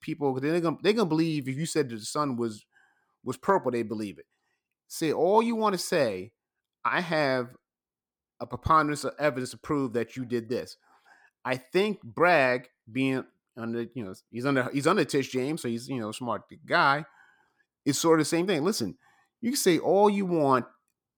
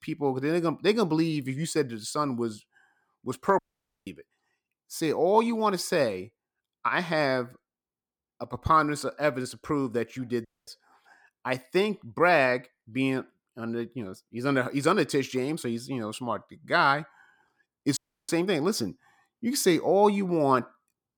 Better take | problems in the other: first | audio cutting out; at 3.5 s, at 10 s and at 18 s

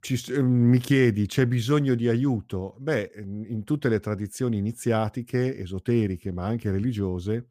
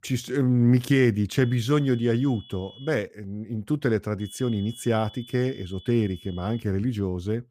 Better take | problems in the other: first | high-pitched whine; faint; from 1.5 to 3 s and from 4 to 6.5 s; 3.5 kHz, 20 dB below the speech

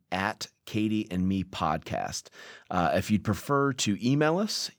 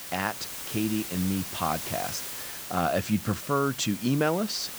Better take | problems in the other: first | hiss; loud; throughout; 7 dB below the speech

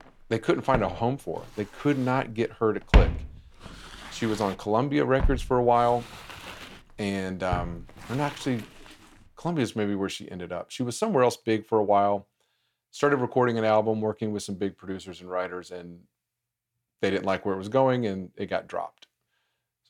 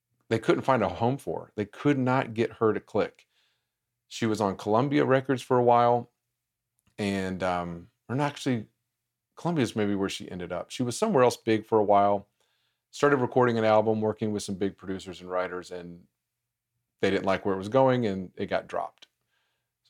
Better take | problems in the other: second | footsteps; loud; from 0.5 to 7.5 s; peak 5 dB above the speech

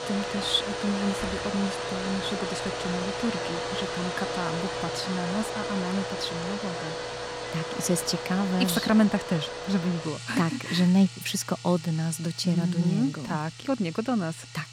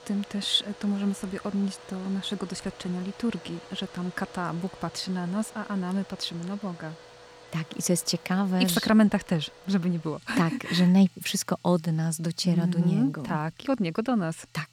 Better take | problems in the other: second | household noises; loud; throughout; 5 dB below the speech; faint in the second

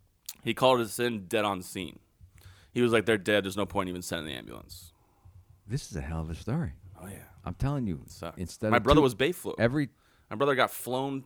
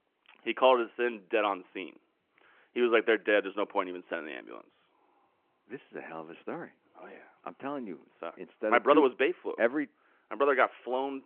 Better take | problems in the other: first | phone-call audio; nothing above 3.5 kHz

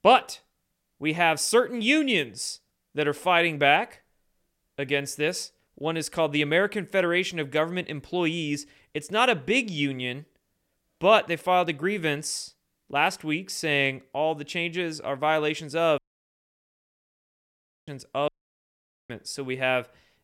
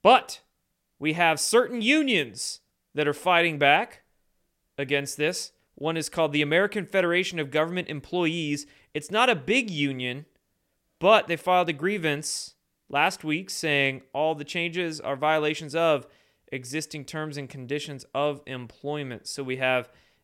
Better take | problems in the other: second | audio cutting out; at 16 s for 2 s and at 18 s for 1 s

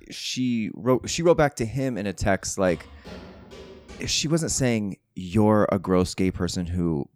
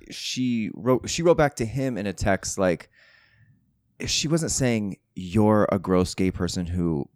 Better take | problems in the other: second | footsteps; faint; from 2.5 to 4 s; peak 20 dB below the speech

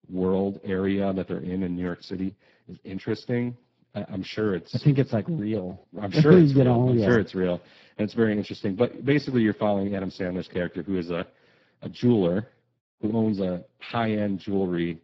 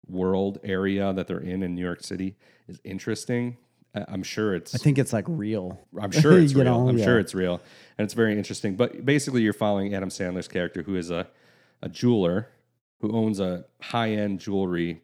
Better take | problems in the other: second | garbled, watery; badly

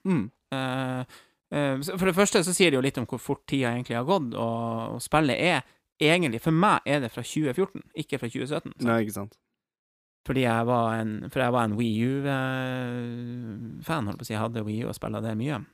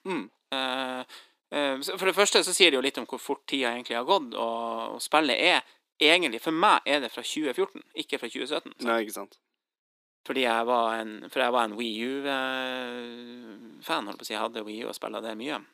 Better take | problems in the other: first | thin; somewhat; fading below 300 Hz

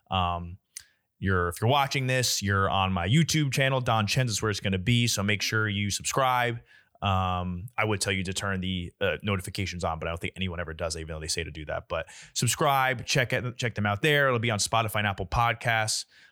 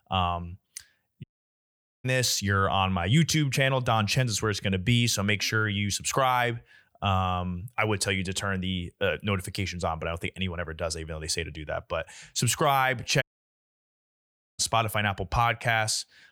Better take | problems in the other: first | audio cutting out; at 1 s for 1 s and at 13 s for 1.5 s

